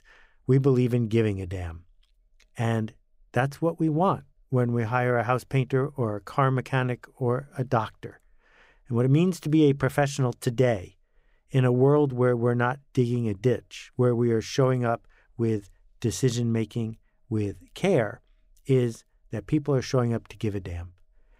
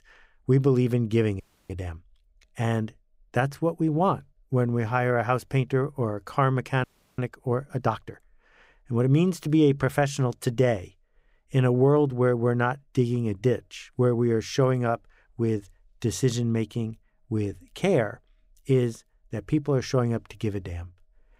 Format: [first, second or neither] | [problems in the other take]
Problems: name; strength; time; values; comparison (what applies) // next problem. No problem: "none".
first | audio freezing; at 1.5 s and at 7 s